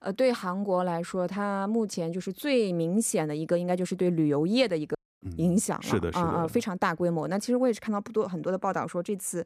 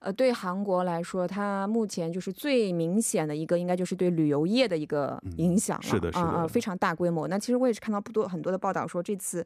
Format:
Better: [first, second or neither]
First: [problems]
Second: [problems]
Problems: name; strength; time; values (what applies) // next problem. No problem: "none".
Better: second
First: audio cutting out; at 5 s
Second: none